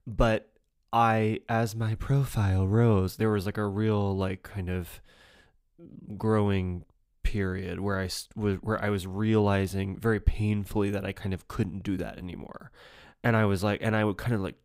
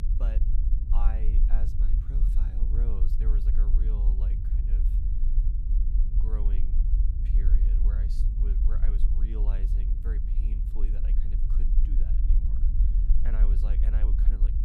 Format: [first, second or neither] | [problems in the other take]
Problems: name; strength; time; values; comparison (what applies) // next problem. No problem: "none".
first | low rumble; loud; throughout; as loud as the speech